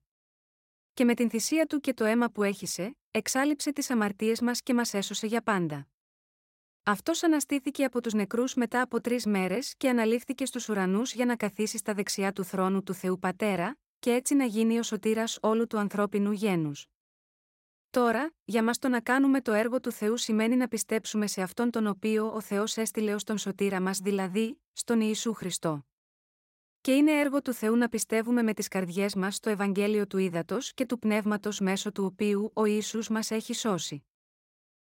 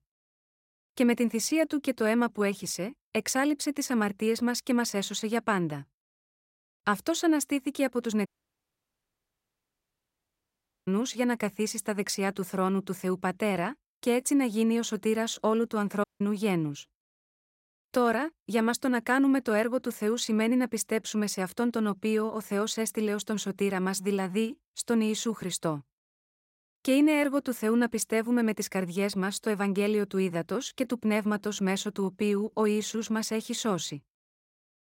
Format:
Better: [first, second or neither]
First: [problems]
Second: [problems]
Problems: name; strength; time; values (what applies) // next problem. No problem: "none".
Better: first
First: none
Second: audio cutting out; at 8.5 s for 2.5 s and at 16 s